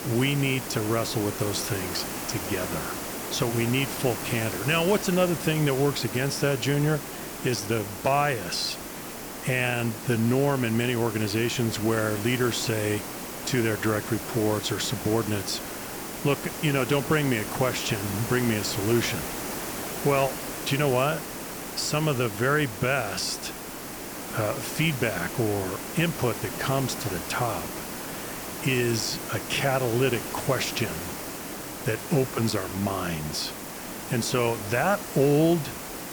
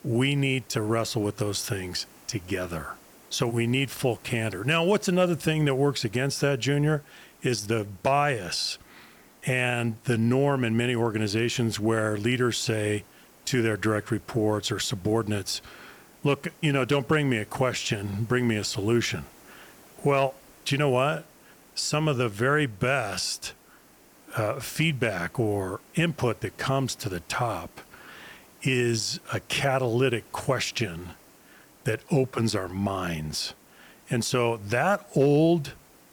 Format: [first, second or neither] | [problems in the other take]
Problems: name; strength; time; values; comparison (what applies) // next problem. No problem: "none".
second | hiss; loud; throughout; 7 dB below the speech; faint in the second